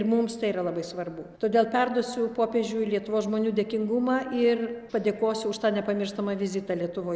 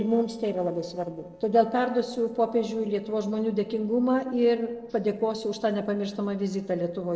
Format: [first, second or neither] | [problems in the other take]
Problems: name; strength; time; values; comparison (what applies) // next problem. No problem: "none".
first | noise reduction (neural separator model SepFormer DNS4)